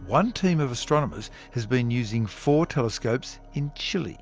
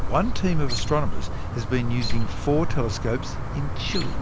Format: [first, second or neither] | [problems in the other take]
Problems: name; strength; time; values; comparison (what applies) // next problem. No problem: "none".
first | background sound (Chirp, tweet); 3 dB above the speech